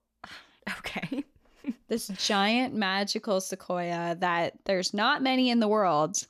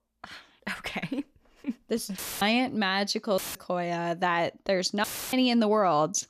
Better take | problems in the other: first | audio cutting out; filled with static; at 2 s, at 3.5 s and at 5 s

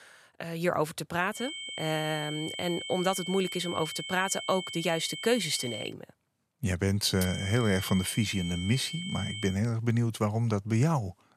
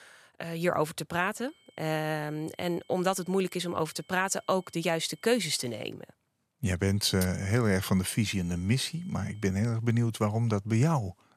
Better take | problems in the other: second | high-pitched whine; loud; from 1.5 to 6 s and from 7 to 9.5 s; 3 kHz, 7 dB below the speech; faint in the second

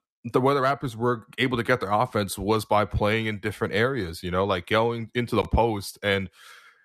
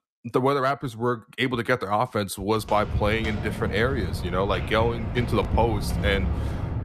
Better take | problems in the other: first | footsteps; noticeable; from 2.5 s on; peak 2 dB below the speech

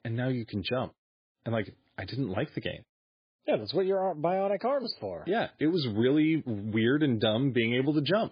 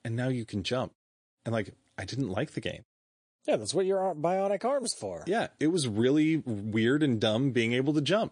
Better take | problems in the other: second | garbled, watery; badly; nothing above 5 kHz; slightly in the second

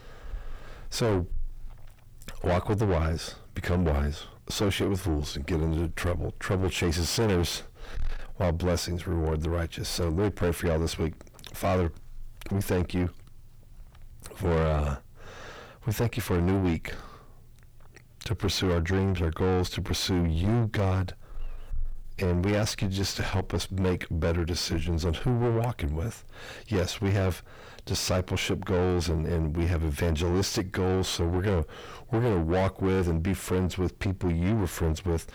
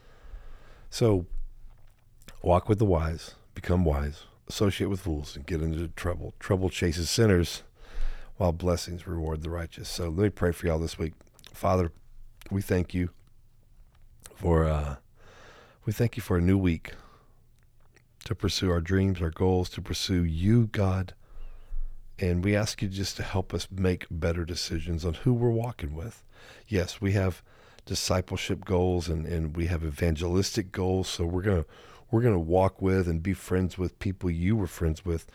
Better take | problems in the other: second | distortion; heavy; 6 dB below the speech

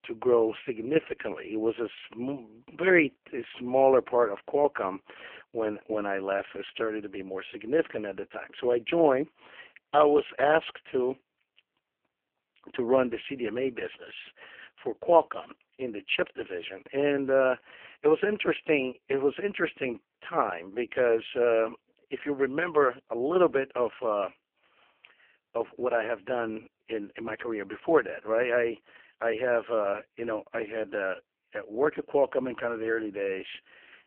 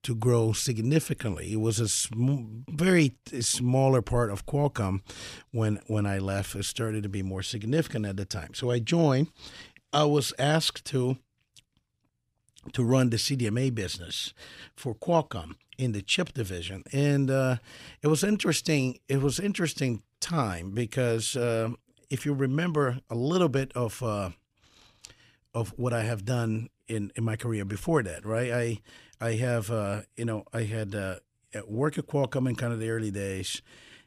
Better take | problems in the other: second | phone-call audio; poor line

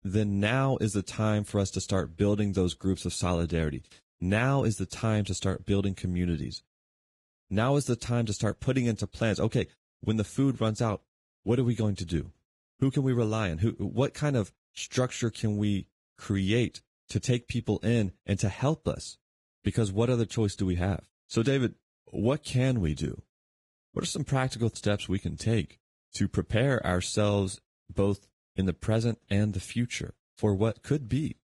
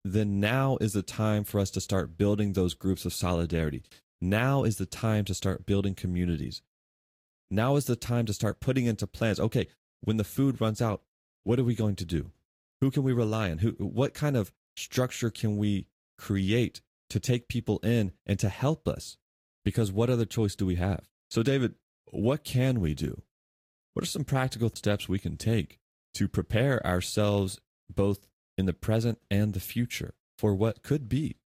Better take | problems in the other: second | garbled, watery; badly; nothing above 10.5 kHz; slightly in the second

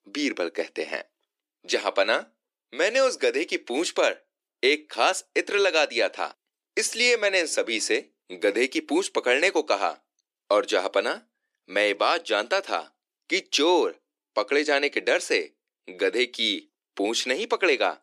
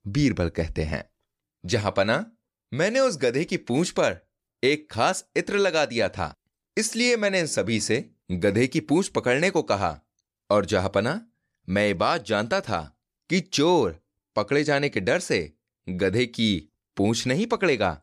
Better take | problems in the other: second | thin; somewhat; fading below 300 Hz

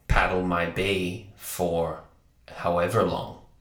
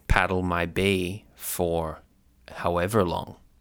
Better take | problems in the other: second | room echo; slight; dies away in 0.4 s // off-mic speech; somewhat distant

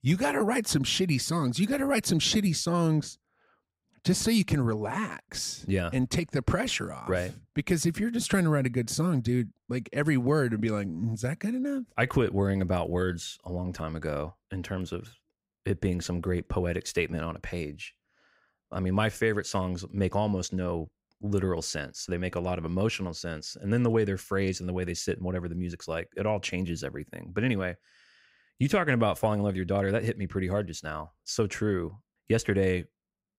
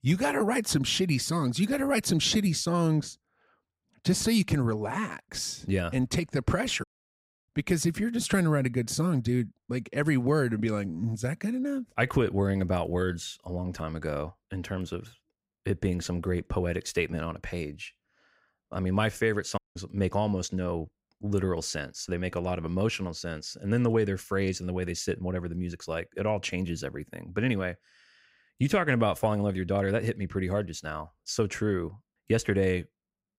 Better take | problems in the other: first | audio cutting out; at 7 s for 0.5 s and at 20 s

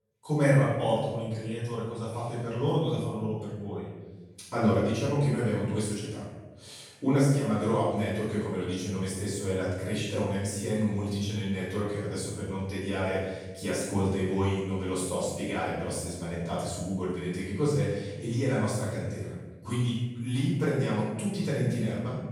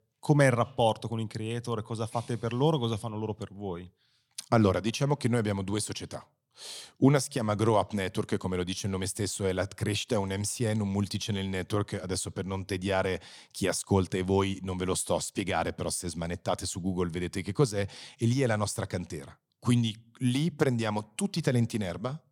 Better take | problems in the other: second | off-mic speech; far // room echo; strong; dies away in 1.2 s

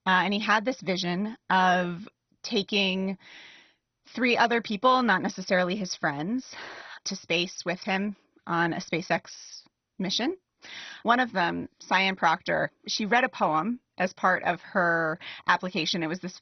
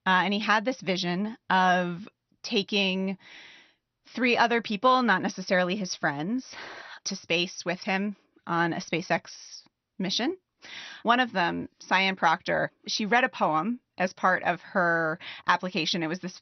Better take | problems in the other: second | garbled, watery; badly; nothing above 6 kHz; slightly in the second

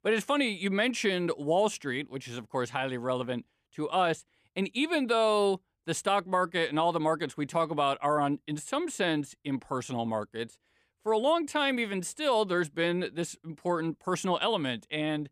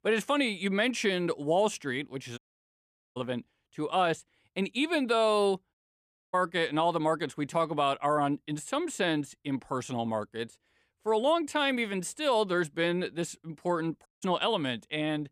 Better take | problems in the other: first | audio cutting out; at 2.5 s for 1 s, at 5.5 s for 0.5 s and at 14 s

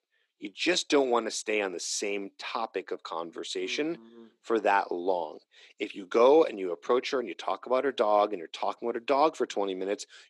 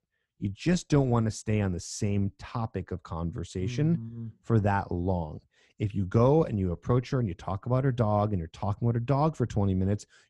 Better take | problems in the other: second | thin; very; fading below 300 Hz

